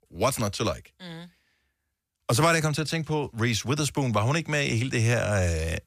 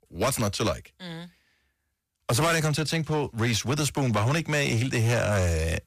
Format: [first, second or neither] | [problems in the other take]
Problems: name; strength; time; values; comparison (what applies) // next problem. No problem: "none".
first | distortion; slight; 11% of the sound clipped